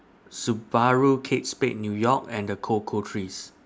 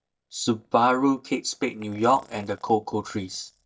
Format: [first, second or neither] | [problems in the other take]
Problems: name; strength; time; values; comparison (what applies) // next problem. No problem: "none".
first | noise reduction (neural mask model DeepFilterNet 3)